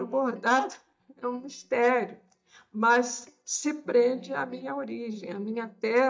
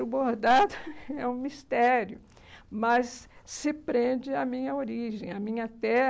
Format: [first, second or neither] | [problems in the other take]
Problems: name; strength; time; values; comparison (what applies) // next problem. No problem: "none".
second | noise reduction (neural mask model DeepFilterNet 3)